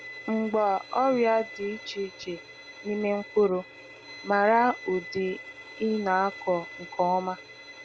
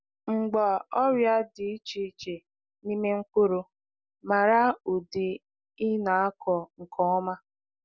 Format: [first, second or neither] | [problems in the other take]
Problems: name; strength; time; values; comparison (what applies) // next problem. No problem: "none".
second | background sound (Bowed string instrument); 16 dB below the speech